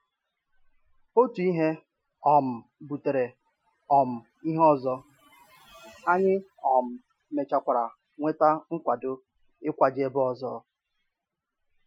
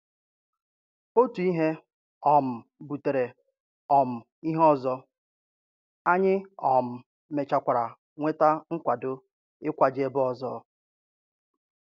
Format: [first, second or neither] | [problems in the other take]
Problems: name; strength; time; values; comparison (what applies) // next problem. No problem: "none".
second | noise reduction (classical method Wiener filter)